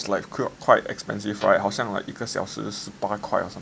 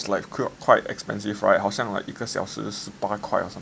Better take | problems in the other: second | background sound (Guitar); 18 dB below the speech

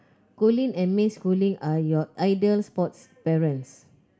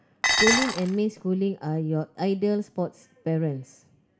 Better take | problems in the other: first | background sound (Dishes, pots, and pans); 3 dB above the speech

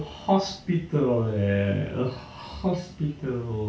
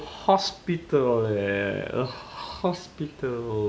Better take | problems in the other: second | room echo; dies away in 0.2 s

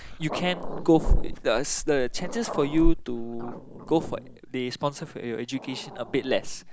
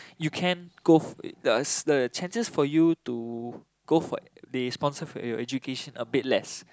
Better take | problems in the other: second | background sound (Growling); 1 dB below the speech

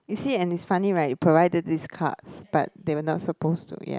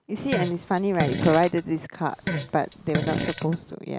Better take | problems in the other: first | background sound (Fart); 5 dB below the speech

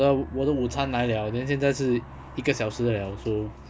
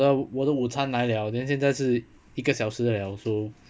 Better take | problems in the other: second | background sound (Aircraft); 15 dB below the speech

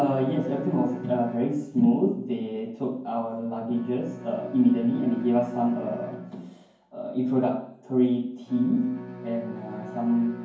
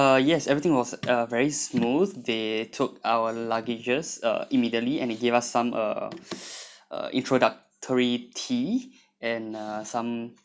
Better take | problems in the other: second | background sound (Bowed string instrument); 15 dB below the speech // room echo; dies away in 0.9 s

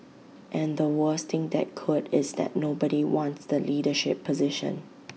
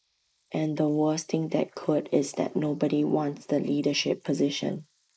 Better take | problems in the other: first | noise reduction (neural mask model Resemble Enhance denoiser)

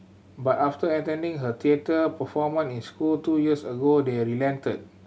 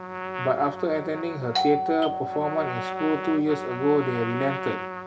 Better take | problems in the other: first | background sound (Doorbell + Trumpet); 5 dB below the speech

